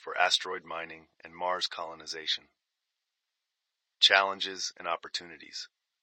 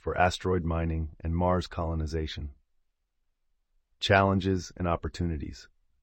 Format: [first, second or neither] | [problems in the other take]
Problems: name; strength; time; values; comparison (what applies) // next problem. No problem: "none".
second | thin; very; fading below 750 Hz